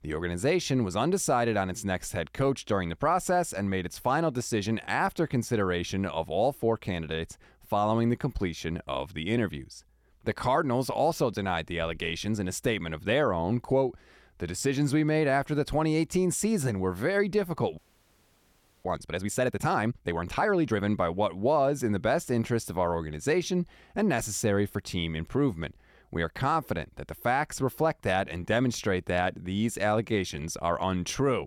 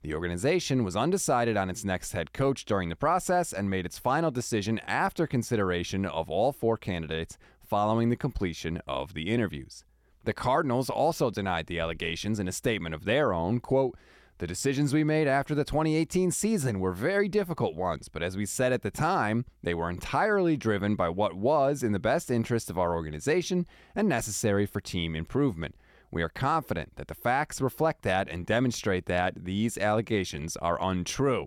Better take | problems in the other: second | audio freezing; at 18 s for 1 s

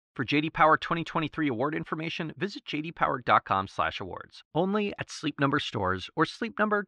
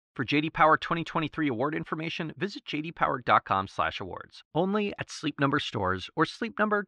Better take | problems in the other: neither | muffled; slightly; fading above 3 kHz; the same in both

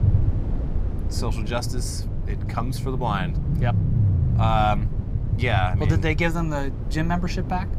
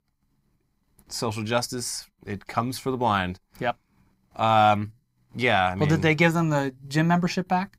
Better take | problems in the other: second | low rumble; noticeable; throughout; 10 dB below the speech

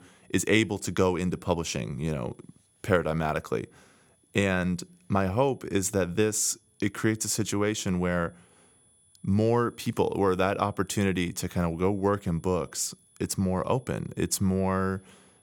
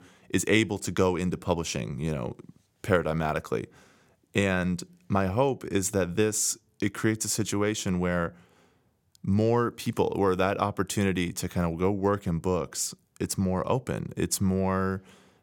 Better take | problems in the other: second | high-pitched whine; faint; throughout; 10 kHz, 35 dB below the speech

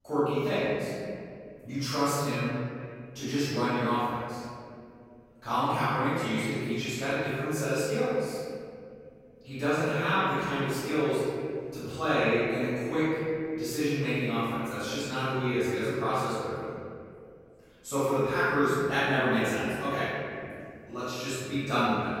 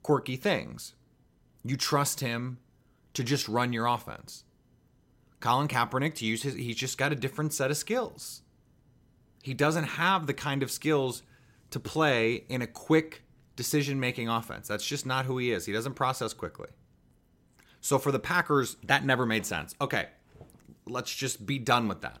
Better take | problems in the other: second | off-mic speech; far // room echo; strong; dies away in 2.2 s

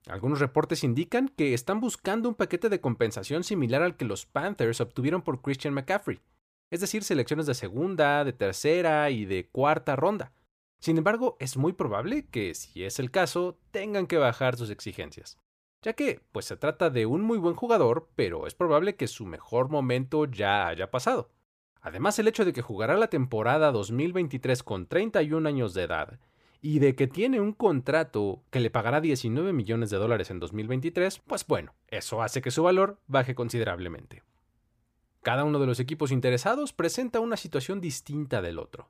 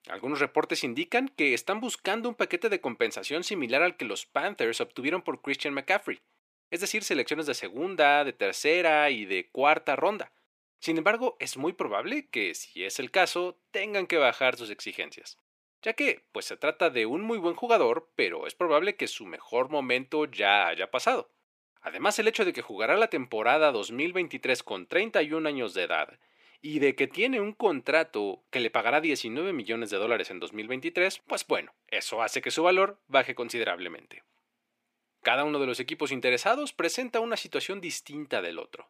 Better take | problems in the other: first | thin; somewhat; fading below 250 Hz

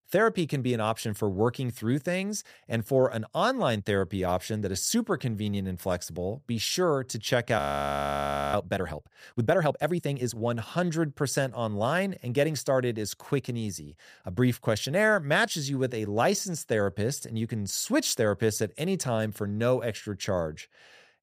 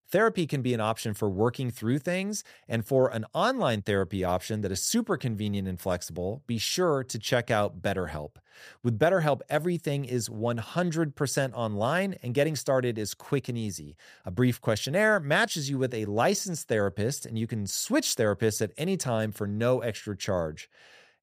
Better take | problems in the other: second | audio freezing; at 7.5 s for 1 s

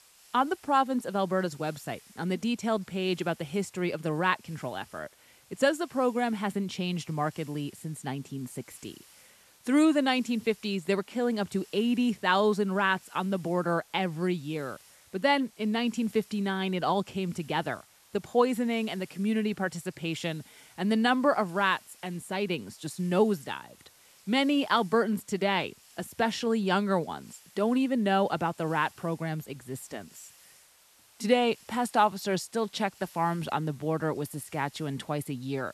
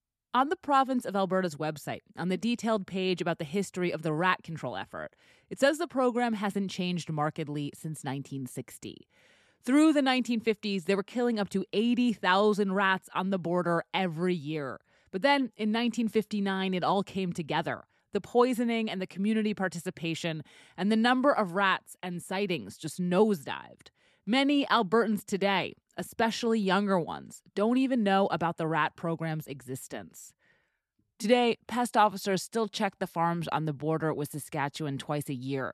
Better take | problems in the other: second | hiss; faint; throughout; 25 dB below the speech

